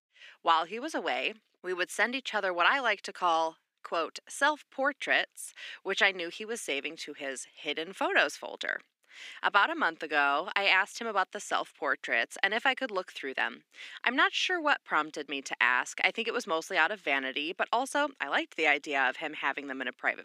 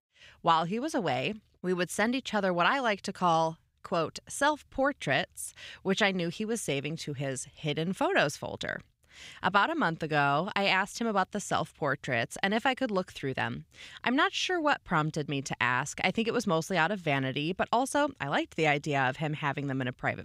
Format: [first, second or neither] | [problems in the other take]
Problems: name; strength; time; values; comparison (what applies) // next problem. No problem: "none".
second | thin; somewhat; fading below 250 Hz